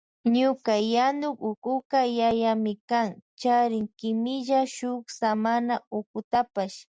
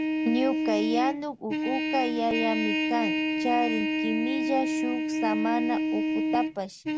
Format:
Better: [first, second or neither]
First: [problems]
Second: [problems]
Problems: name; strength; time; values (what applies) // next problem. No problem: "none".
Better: first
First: none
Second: background sound (Trumpet); 2 dB above the speech